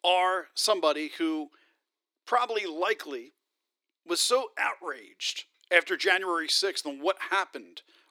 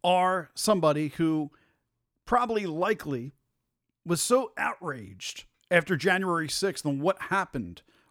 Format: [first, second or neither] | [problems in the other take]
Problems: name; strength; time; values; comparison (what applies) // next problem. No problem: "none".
second | thin; very; fading below 350 Hz